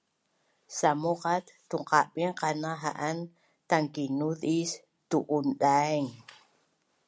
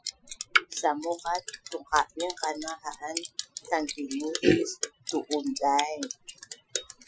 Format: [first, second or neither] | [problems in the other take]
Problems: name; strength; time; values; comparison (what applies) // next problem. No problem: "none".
first | noise reduction (classical method Wiener filter)